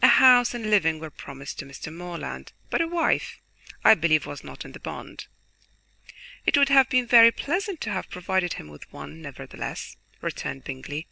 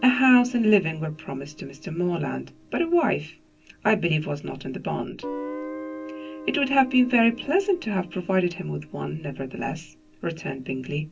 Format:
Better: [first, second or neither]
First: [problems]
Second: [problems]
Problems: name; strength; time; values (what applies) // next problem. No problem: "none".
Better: first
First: none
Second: background sound (Guitar); 16 dB below the speech // room echo; dies away in 0.3 s